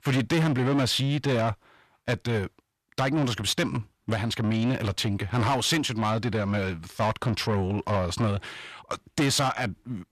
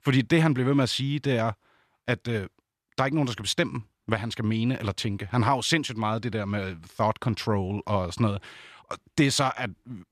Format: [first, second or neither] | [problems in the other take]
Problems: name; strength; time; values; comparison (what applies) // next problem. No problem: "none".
second | distortion; heavy; 8 dB below the speech